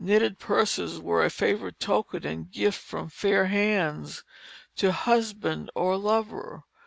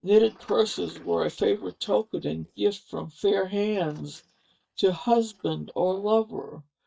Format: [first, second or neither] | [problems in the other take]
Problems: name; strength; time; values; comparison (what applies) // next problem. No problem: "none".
first | noise reduction (neural mask model DeepFilterNet 3)